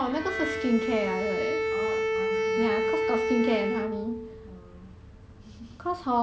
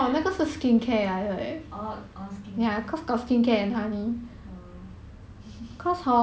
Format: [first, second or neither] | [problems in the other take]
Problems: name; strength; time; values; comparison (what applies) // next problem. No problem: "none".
second | background sound (Bowed string instrument); 1 dB above the speech